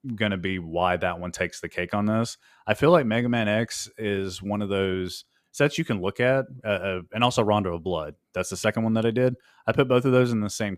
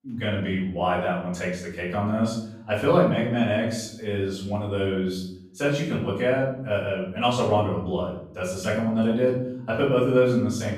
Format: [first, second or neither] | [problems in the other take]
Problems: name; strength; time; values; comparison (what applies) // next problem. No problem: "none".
first | off-mic speech; far // room echo; noticeable; dies away in 0.7 s